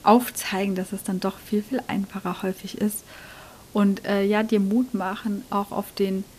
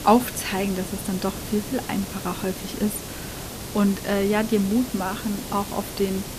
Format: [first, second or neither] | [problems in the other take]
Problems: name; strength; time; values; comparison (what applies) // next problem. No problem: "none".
first | hiss; loud; throughout; 8 dB below the speech; faint in the first